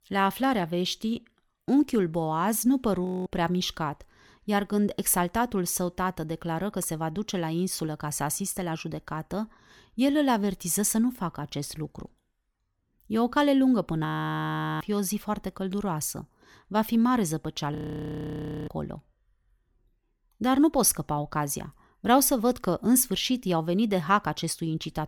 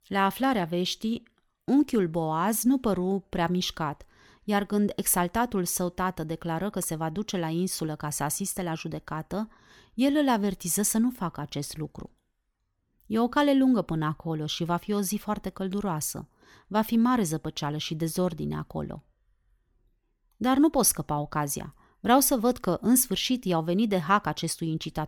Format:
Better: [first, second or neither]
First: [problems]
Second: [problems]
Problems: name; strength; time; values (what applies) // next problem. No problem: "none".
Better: second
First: audio freezing; at 3 s, at 14 s for 1 s and at 18 s for 1 s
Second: none